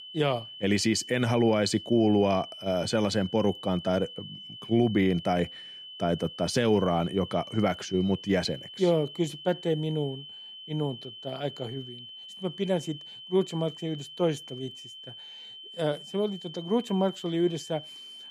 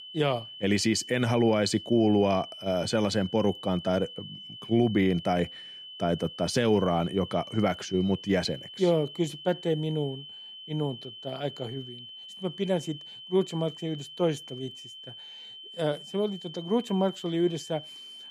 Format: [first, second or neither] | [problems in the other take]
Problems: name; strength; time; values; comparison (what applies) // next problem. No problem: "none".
neither | high-pitched whine; noticeable; throughout; 3 kHz, 15 dB below the speech; the same in both